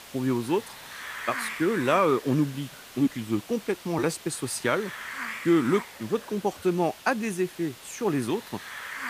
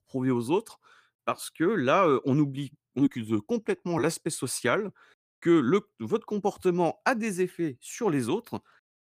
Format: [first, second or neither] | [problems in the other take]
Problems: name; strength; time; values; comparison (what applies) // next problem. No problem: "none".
second | hiss; noticeable; throughout; 10 dB below the speech